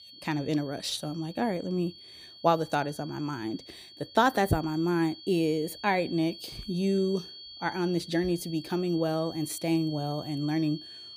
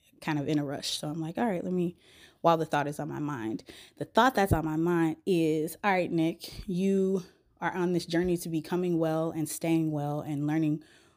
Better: second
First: high-pitched whine; noticeable; throughout; 4.5 kHz, 15 dB below the speech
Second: none

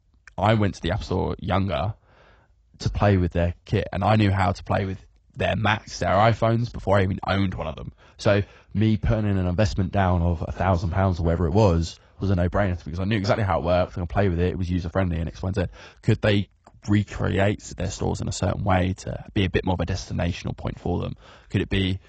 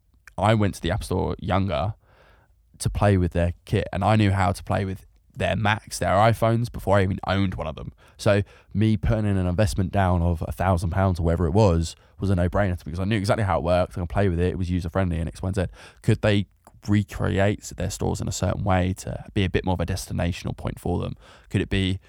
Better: second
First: garbled, watery; badly; nothing above 7.5 kHz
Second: none

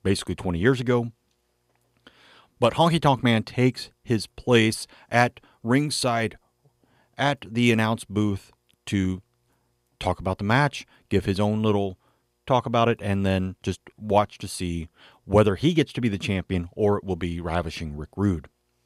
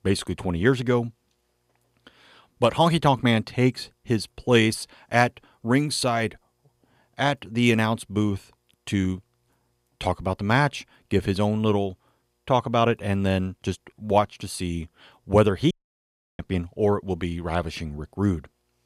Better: first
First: none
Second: audio cutting out; at 16 s for 0.5 s

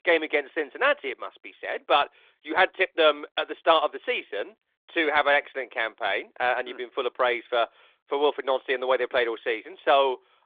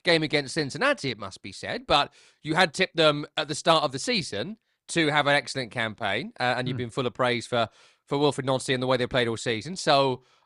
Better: second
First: phone-call audio; nothing above 3.5 kHz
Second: none

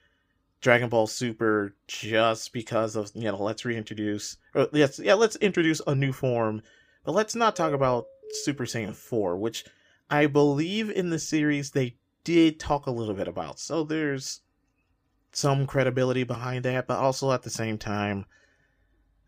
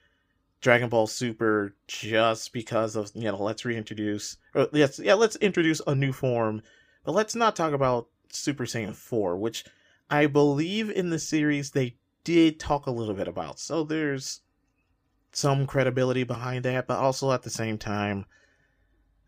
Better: second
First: doorbell; noticeable; from 7.5 to 8.5 s; peak 9 dB below the speech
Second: none

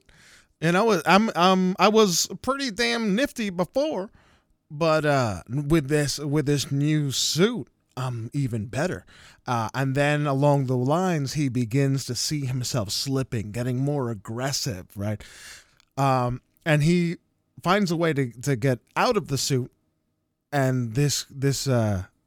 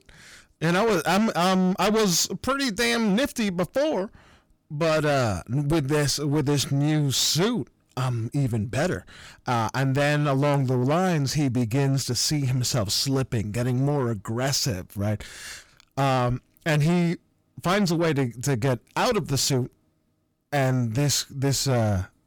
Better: first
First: none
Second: distortion; heavy; 7 dB below the speech

